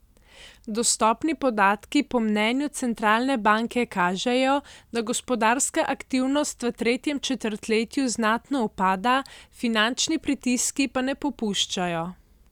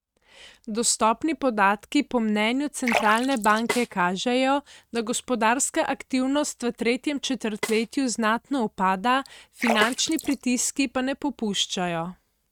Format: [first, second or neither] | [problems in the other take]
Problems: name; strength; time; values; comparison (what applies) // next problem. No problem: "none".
first | noise reduction (neural mask model RNNoise)